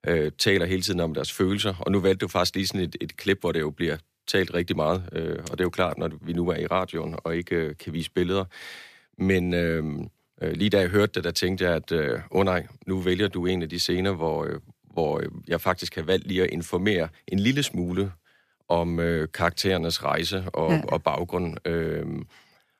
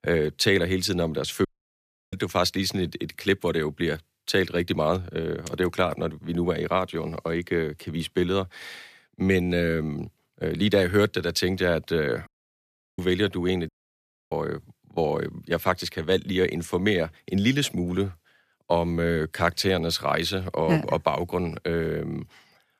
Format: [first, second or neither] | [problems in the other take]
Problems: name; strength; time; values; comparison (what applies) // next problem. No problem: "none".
first | audio cutting out; at 1.5 s for 0.5 s, at 12 s for 0.5 s and at 14 s for 0.5 s